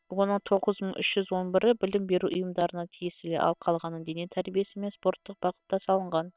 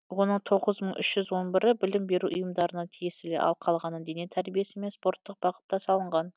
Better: second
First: noise reduction (neural separator model SepFormer WHAM!)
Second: none

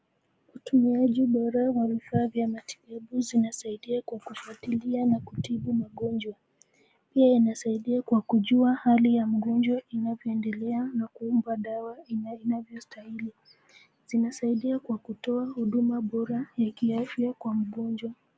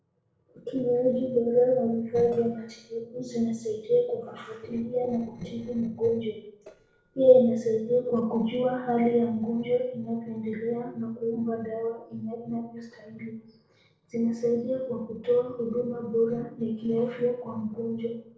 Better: first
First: none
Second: noise reduction (neural separator model SepFormer DNS4)

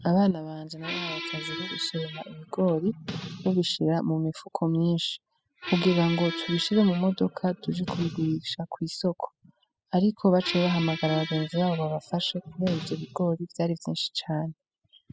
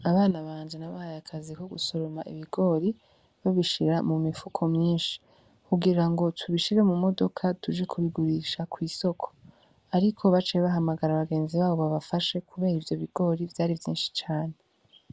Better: second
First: noise reduction (classical method spectral subtraction)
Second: none

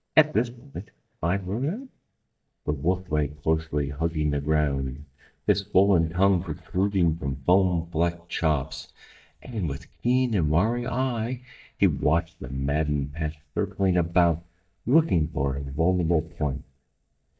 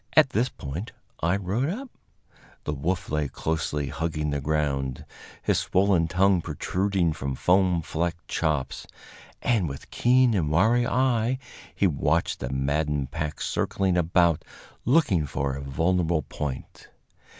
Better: second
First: noise reduction (neural mask model DeepFilterNet 3)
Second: none

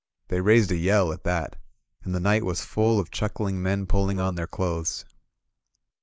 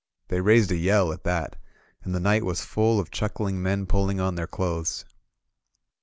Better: second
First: noise reduction (neural mask model Resemble Enhance denoiser)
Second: none

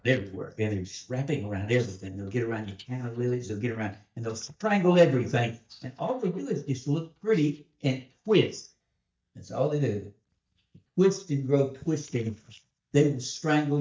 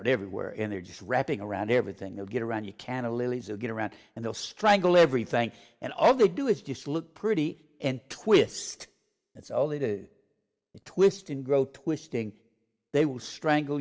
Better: second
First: noise reduction (neural mask model DeepFilterNet 3)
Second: none

